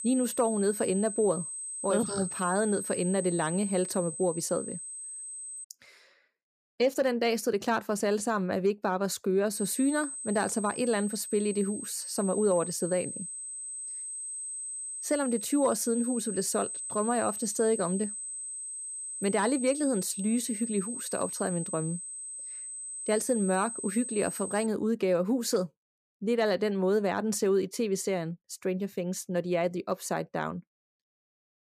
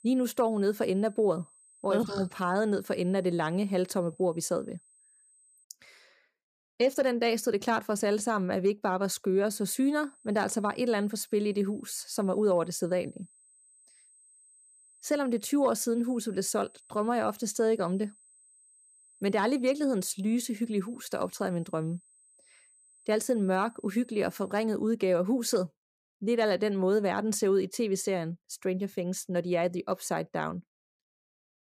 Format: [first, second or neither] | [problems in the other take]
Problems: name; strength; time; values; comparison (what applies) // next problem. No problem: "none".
second | high-pitched whine; loud; until 5.5 s and from 9.5 to 25 s; 8 kHz, 6 dB below the speech; faint in the second